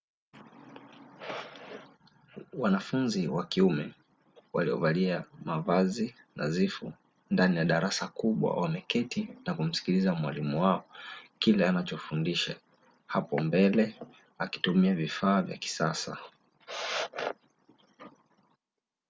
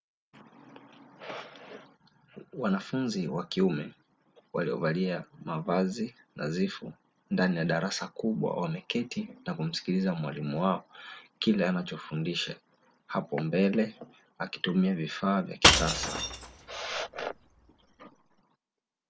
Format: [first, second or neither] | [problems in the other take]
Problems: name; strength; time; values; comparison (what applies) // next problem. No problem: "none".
first | background sound (Shatter / Crushing); 2 dB above the speech